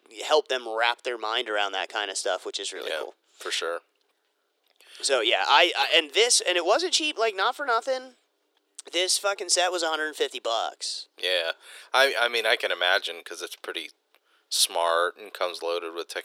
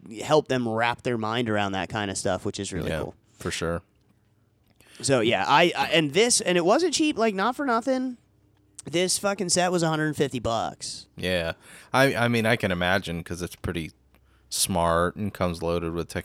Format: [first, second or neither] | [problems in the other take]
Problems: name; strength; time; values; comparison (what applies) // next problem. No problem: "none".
second | thin; very; fading below 400 Hz